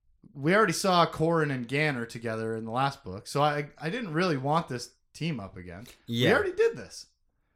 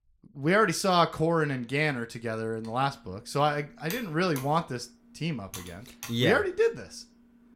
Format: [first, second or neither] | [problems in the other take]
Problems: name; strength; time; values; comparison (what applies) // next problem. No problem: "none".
first | keyboard typing; faint; from 2.5 to 6 s; peak 15 dB below the speech